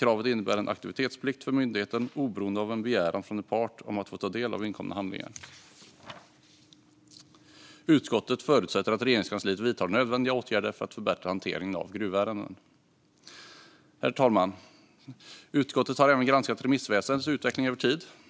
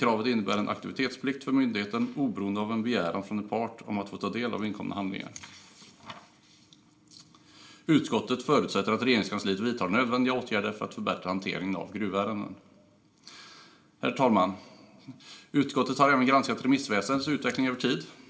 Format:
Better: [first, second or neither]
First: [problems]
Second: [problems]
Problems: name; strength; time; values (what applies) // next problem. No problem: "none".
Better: first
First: none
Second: room echo; dies away in 1.3 s